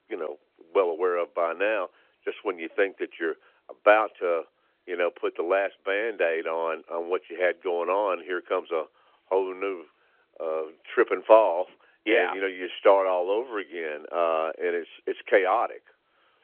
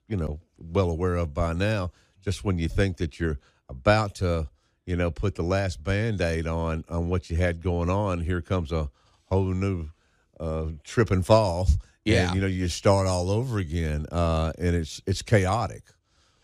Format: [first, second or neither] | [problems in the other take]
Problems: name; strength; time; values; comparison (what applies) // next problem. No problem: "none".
second | phone-call audio